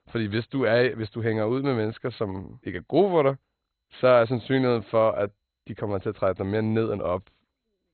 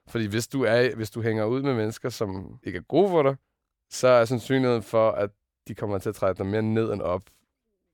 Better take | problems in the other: second | garbled, watery; badly; nothing above 4 kHz

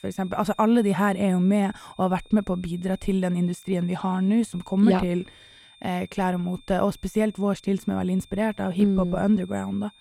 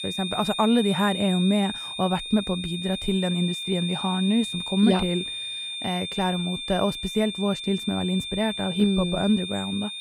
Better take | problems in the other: first | high-pitched whine; loud; throughout; 3.5 kHz, 5 dB below the speech; faint in the first

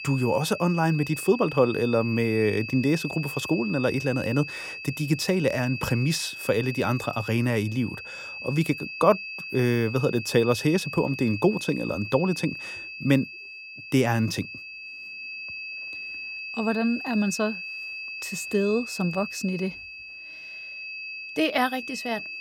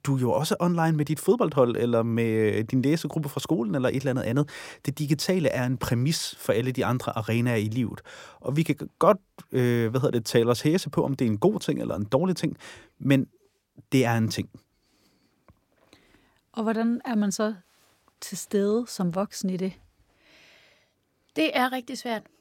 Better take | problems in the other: second | high-pitched whine; loud; throughout; 2.5 kHz, 9 dB below the speech

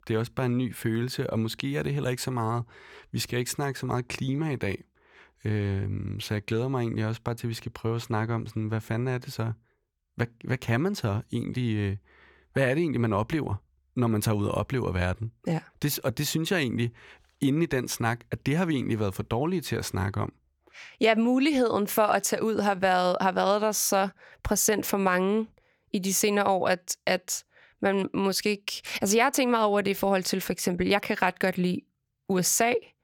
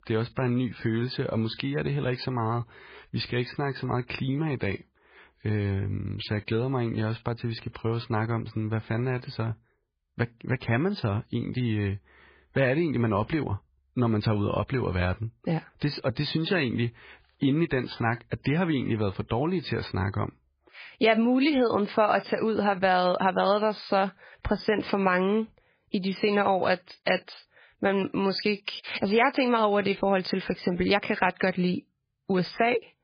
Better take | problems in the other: first | garbled, watery; badly

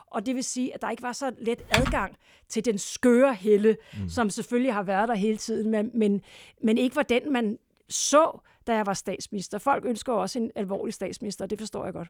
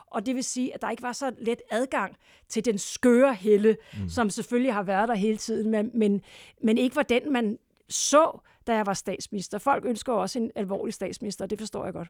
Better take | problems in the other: second | keyboard typing; loud; at 1.5 s; peak 1 dB above the speech

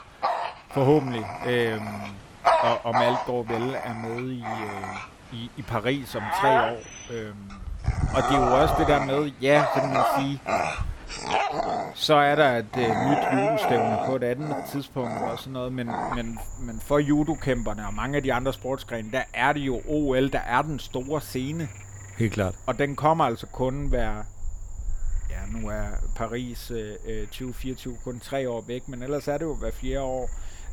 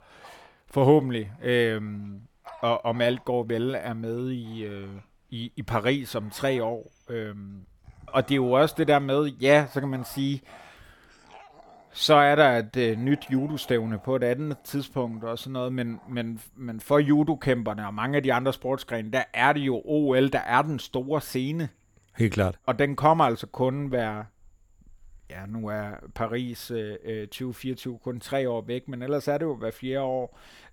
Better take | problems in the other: second | animal sounds; loud; throughout; 1 dB below the speech; faint in the second

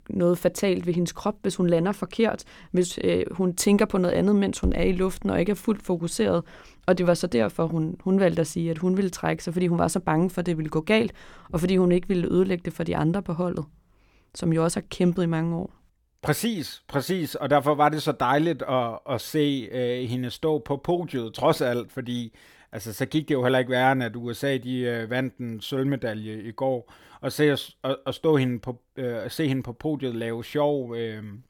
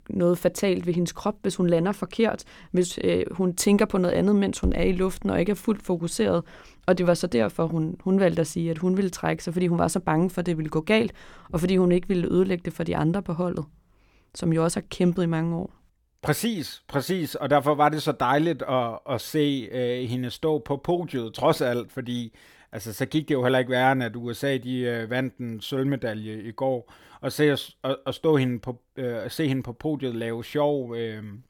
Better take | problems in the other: neither | none

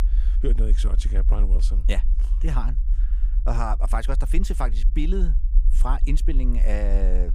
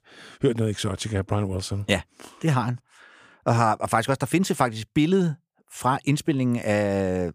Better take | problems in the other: second | low rumble; noticeable; throughout; 15 dB below the speech

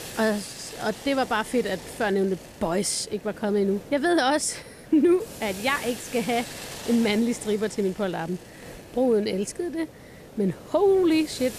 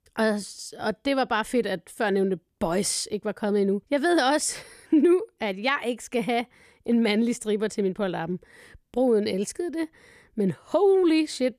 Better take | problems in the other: second | hiss; noticeable; throughout; 15 dB below the speech

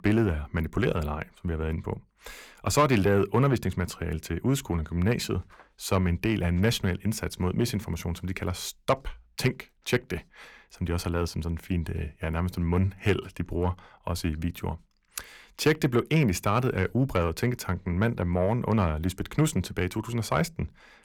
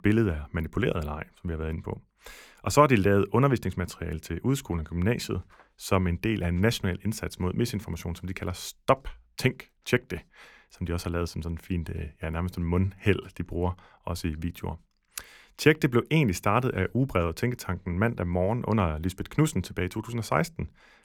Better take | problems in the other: second | distortion; slight; 10 dB below the speech

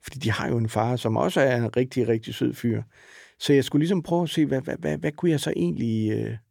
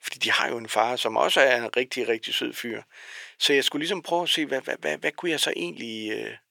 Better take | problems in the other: first | thin; very; fading below 600 Hz

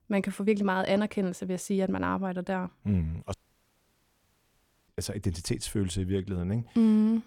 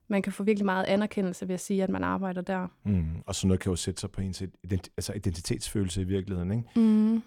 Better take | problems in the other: second | audio cutting out; at 3.5 s for 1.5 s

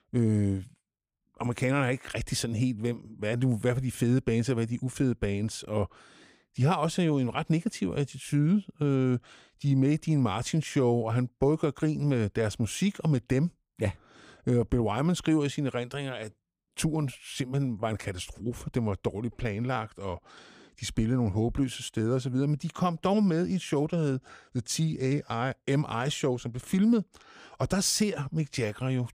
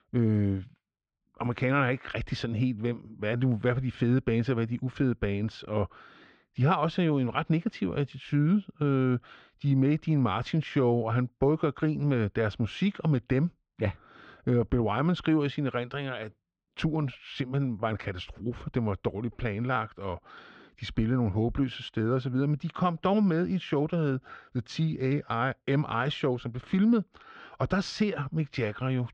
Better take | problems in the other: first | muffled; slightly; fading above 4 kHz

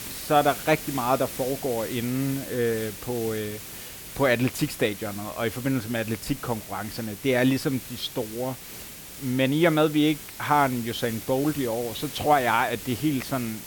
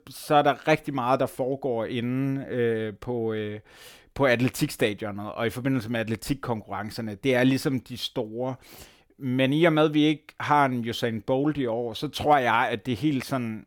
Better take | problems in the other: second | hiss; noticeable; throughout; 10 dB below the speech

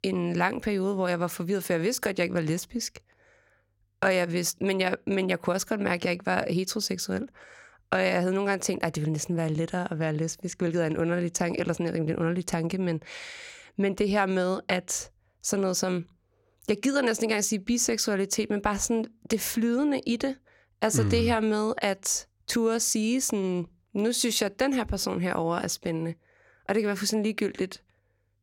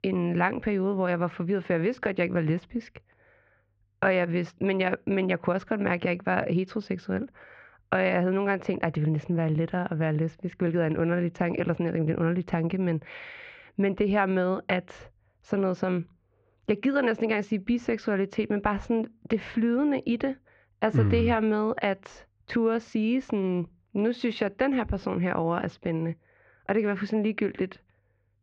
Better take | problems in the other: first | muffled; very; fading above 3 kHz

